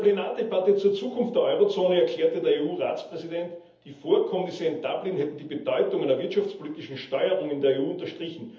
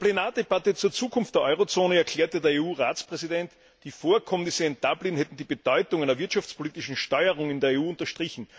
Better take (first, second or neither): second